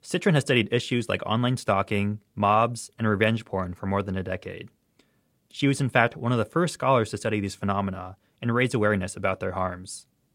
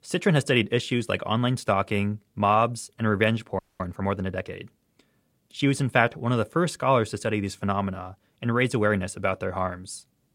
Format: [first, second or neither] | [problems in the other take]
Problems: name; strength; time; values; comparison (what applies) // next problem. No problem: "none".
first | audio freezing; at 3.5 s